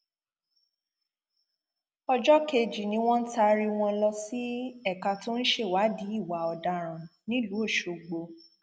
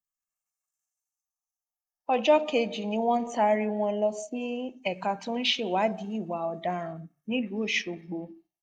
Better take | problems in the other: first | noise reduction (neural mask model Resemble Enhance denoiser)

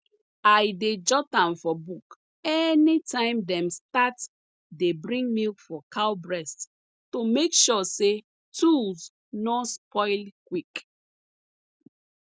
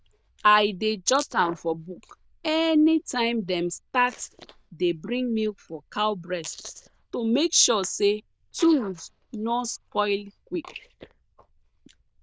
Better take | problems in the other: first | noise reduction (neural diffusion model UNIVERSE++)

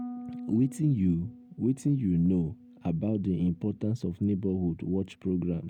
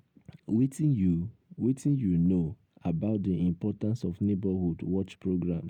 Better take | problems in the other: second | background sound (Harp); 17 dB below the speech

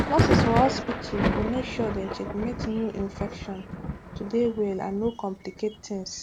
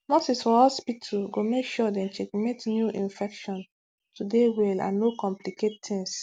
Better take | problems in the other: second | background sound (Thunder); as loud as the speech

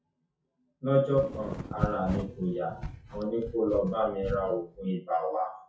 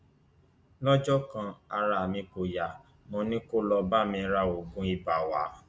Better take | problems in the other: second | noise reduction (classical method WPE with log-MMSE)

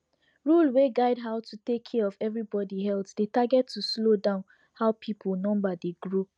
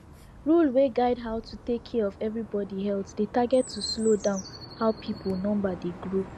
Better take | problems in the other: first | background sound (Chirp, tweet); 16 dB below the speech

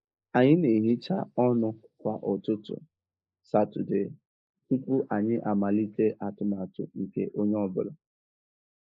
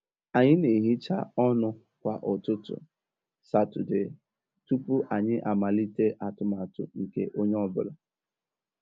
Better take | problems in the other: second | noise reduction (neural mask model Resemble Enhance denoiser)

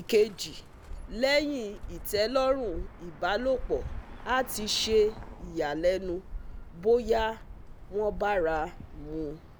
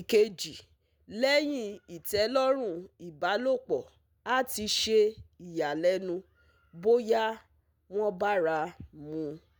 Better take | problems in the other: second | background sound (Bird); 12 dB below the speech

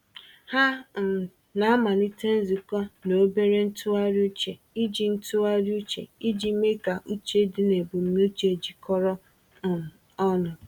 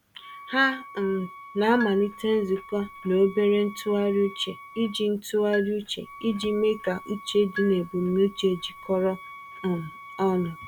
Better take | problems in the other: first | background sound (Marimba, xylophone + Wind instrument, woodwind instrument); 16 dB below the speech

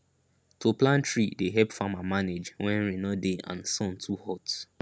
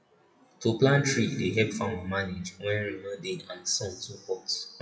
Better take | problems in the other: first | noise reduction (classical method WPE with log-MMSE)

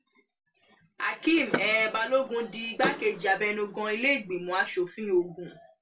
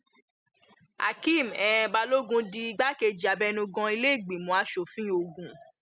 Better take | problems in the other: second | background sound (Door / Car); 10 dB below the speech // room echo; dies away in 0.2 s

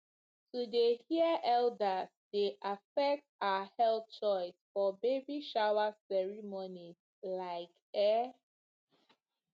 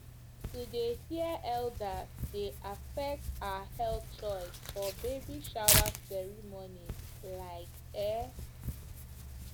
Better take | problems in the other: first | background sound (Tearing); 1 dB above the speech

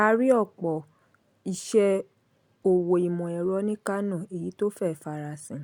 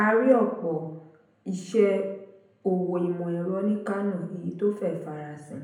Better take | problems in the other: first | room echo; dies away in 0.7 s

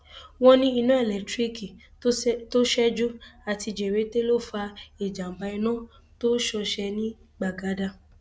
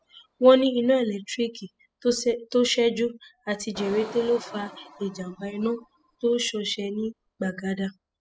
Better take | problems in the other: first | noise reduction (classical method spectral subtraction)

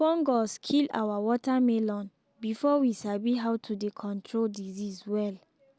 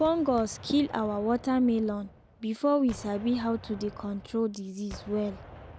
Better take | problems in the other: first | background sound (Gunshot, gunfire); 18 dB below the speech

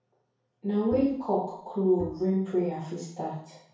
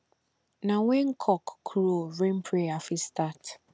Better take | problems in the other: second | background sound (Bowed string instrument); 14 dB below the speech // room echo; dies away in 0.6 s

